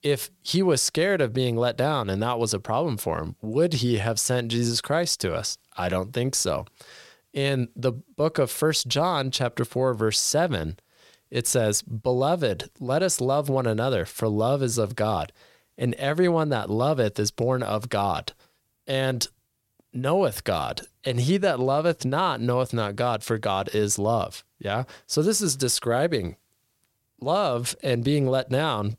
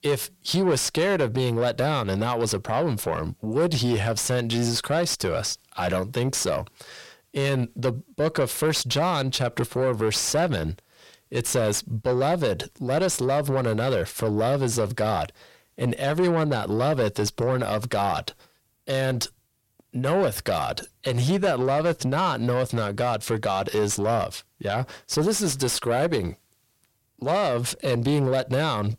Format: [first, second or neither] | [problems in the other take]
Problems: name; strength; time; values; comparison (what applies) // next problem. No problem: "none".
first | distortion; slight; 9 dB below the speech